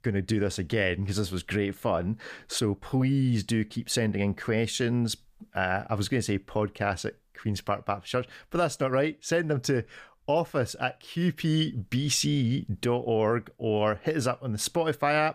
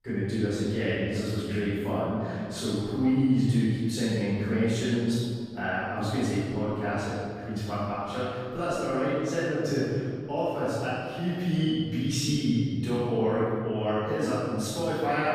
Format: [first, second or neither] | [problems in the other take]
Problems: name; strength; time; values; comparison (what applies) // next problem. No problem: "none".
first | off-mic speech; far // room echo; strong; dies away in 2 s